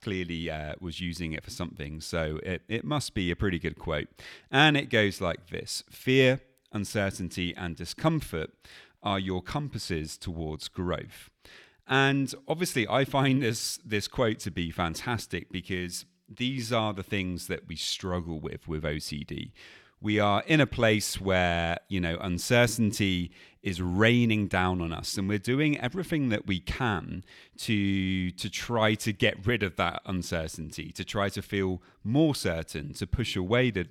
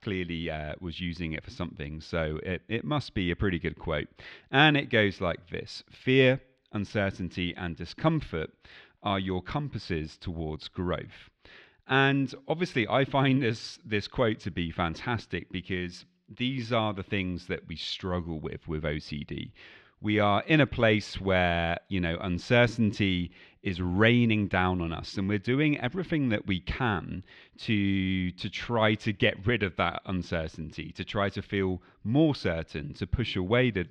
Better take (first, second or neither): first